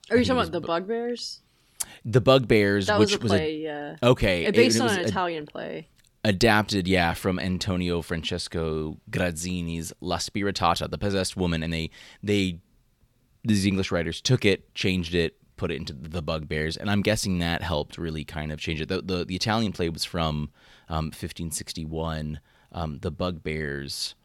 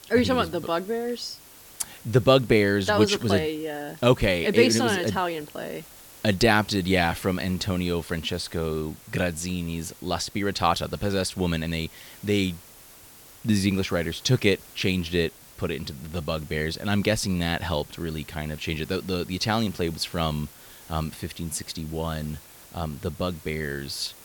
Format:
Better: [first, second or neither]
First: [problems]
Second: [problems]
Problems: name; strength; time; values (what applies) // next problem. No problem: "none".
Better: first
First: none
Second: hiss; faint; throughout; 20 dB below the speech